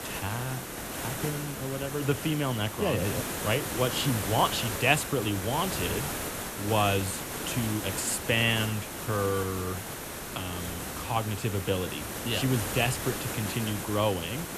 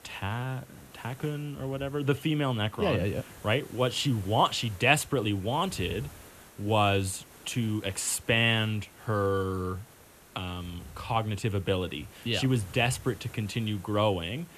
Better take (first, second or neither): second